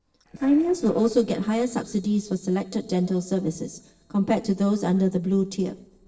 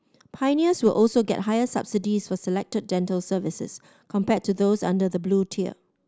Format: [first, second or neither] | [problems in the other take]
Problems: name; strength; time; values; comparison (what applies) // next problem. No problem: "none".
second | noise reduction (neural separator model SepFormer DNS4)